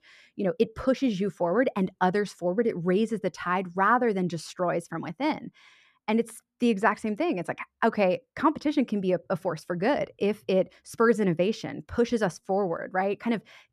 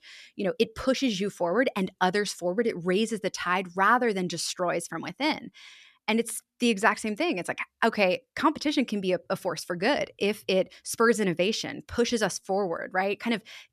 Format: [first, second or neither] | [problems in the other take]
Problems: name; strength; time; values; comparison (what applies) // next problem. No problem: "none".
second | muffled; slightly; fading above 2 kHz